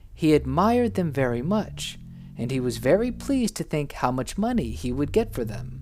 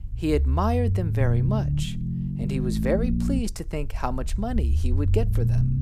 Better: first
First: low rumble; faint; throughout; 25 dB below the speech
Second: low rumble; loud; throughout; 6 dB below the speech

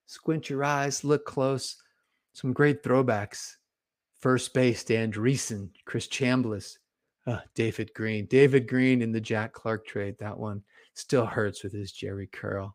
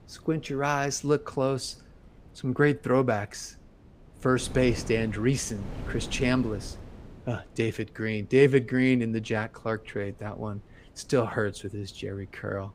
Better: first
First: none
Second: wind noise on the microphone; occasional gusts; 20 dB below the speech

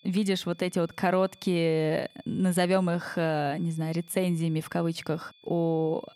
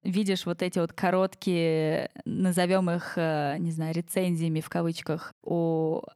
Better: second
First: high-pitched whine; faint; throughout; 3.5 kHz, 30 dB below the speech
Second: none

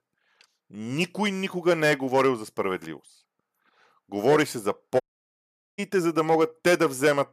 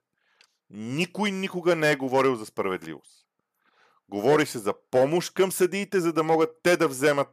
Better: second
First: audio cutting out; at 5 s for 1 s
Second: none

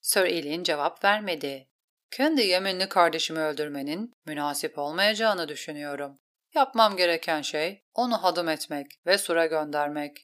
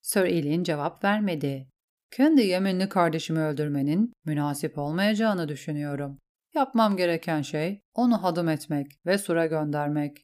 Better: second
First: thin; somewhat; fading below 500 Hz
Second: none

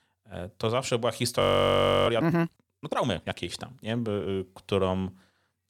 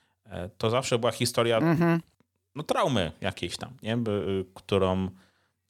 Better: second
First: audio freezing; at 1.5 s for 0.5 s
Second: none

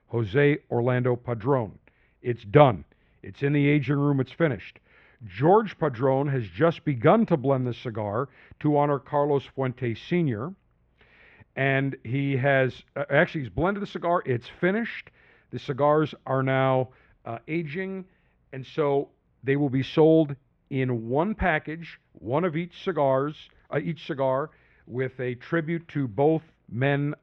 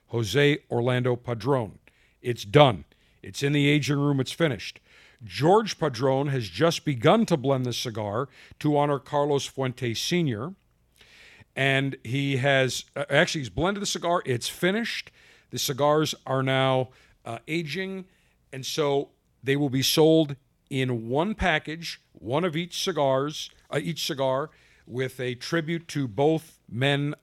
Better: second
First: muffled; very; fading above 2 kHz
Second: none

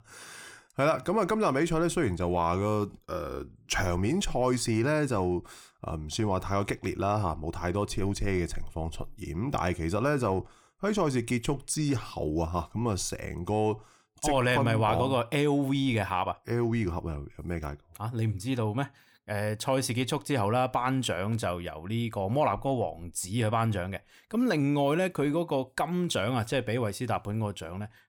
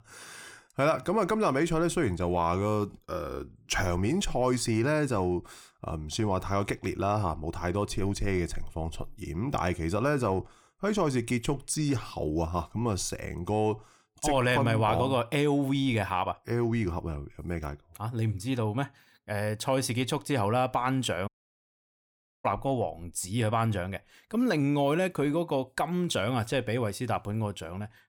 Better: first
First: none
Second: audio cutting out; at 21 s for 1 s

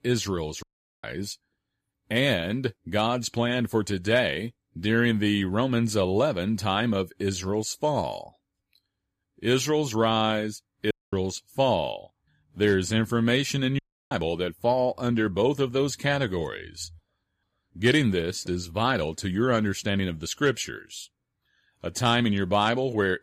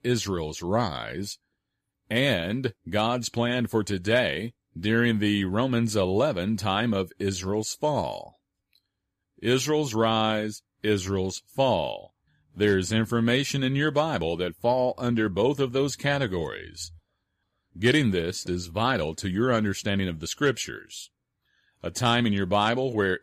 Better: second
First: audio cutting out; at 0.5 s, at 11 s and at 14 s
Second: none

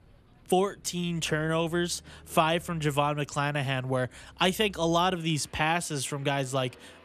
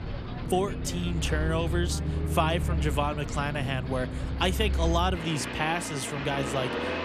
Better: first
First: traffic noise; faint; throughout; 25 dB below the speech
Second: traffic noise; loud; throughout; 2 dB below the speech

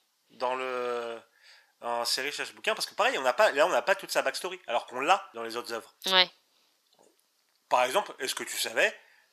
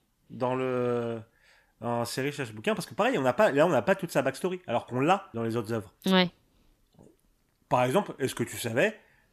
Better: second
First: thin; very; fading below 650 Hz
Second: none

